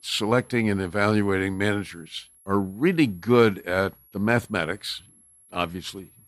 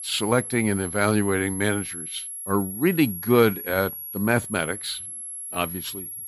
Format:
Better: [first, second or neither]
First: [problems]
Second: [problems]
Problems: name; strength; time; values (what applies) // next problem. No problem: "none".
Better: first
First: high-pitched whine; faint; throughout; 11 kHz, 30 dB below the speech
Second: high-pitched whine; loud; throughout; 11 kHz, 8 dB below the speech